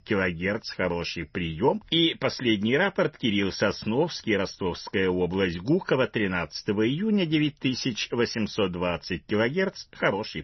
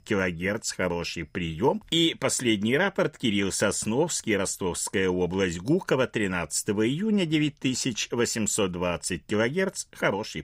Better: second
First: garbled, watery; slightly; nothing above 6 kHz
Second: none

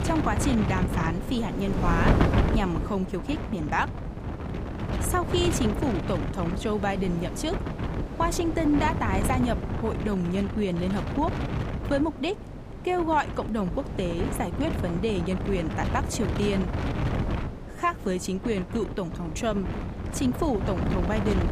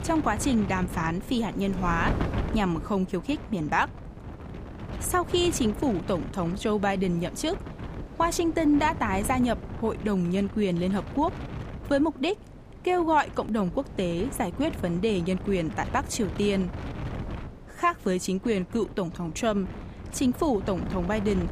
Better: second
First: wind noise on the microphone; heavy; 5 dB below the speech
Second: wind noise on the microphone; occasional gusts; 15 dB below the speech

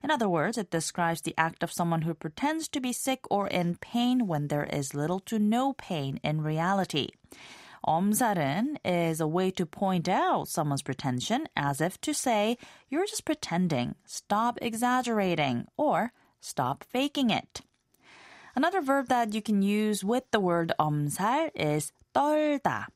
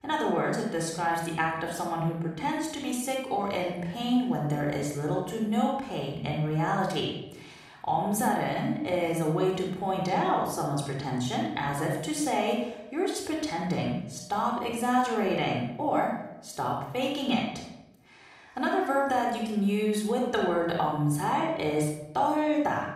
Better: first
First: none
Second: off-mic speech; somewhat distant // room echo; noticeable; dies away in 0.7 s

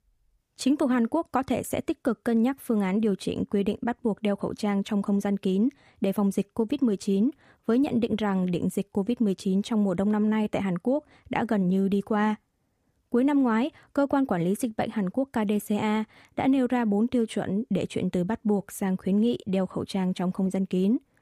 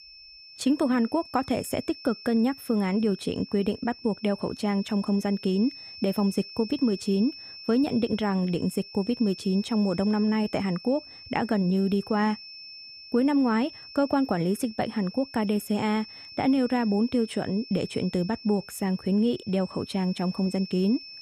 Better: first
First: none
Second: high-pitched whine; noticeable; throughout; 5.5 kHz, 15 dB below the speech

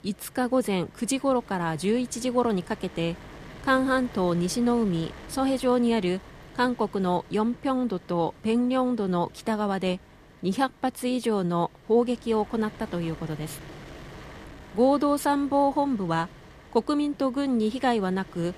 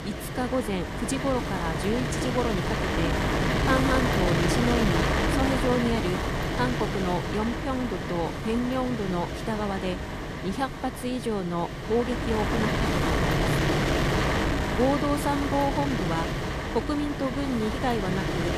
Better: first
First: wind noise on the microphone; occasional gusts; 20 dB below the speech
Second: wind noise on the microphone; heavy; 1 dB above the speech

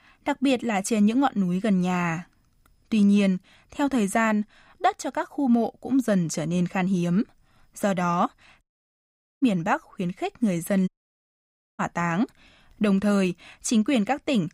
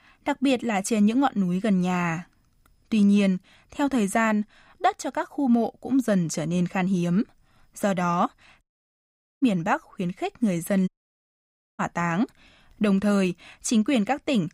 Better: neither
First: audio cutting out; at 8.5 s for 1 s and at 11 s for 1 s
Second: audio cutting out; at 8.5 s for 1 s and at 11 s for 1 s

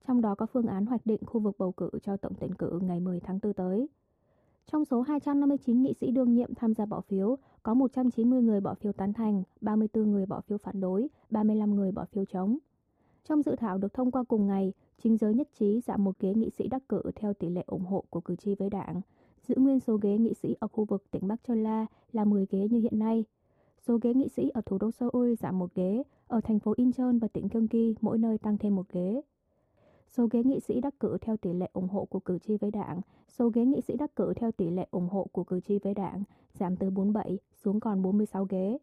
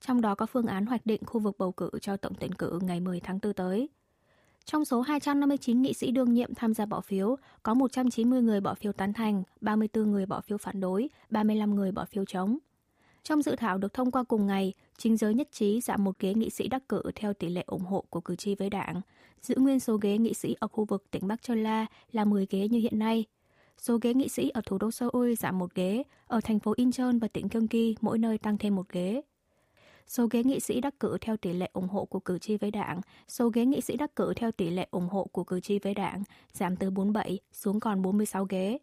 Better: second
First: muffled; very; fading above 1.5 kHz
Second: none

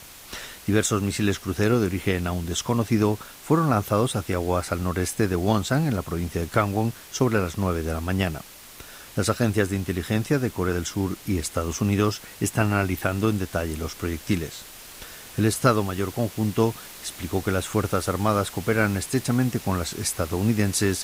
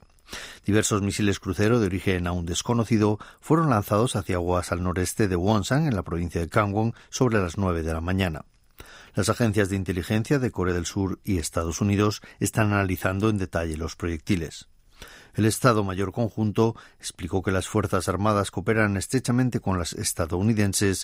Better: second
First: hiss; noticeable; throughout; 15 dB below the speech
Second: none

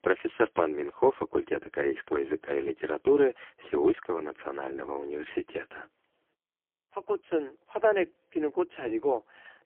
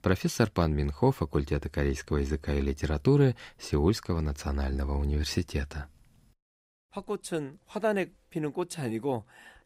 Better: second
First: phone-call audio; poor line; nothing above 3 kHz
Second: none

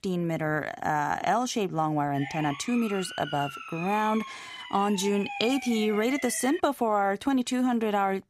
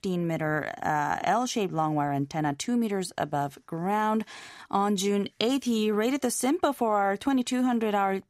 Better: second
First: siren; noticeable; from 2 to 6.5 s; peak 7 dB below the speech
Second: none

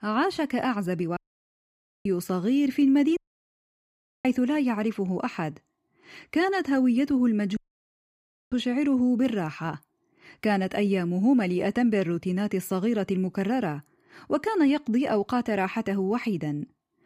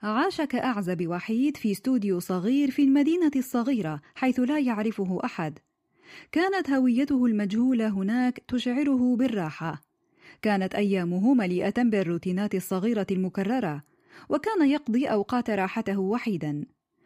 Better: second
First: audio cutting out; at 1 s for 1 s, at 3 s for 1 s and at 7.5 s for 1 s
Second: none

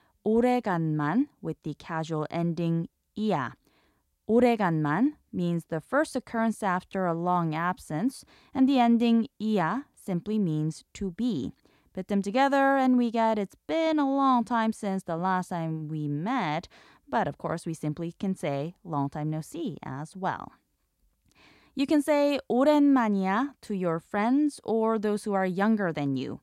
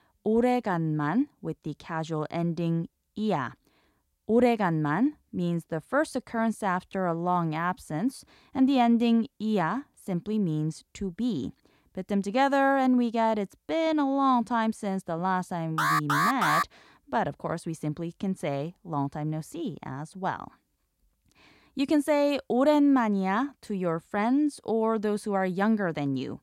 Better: first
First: none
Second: alarm; loud; at 16 s; peak 3 dB above the speech

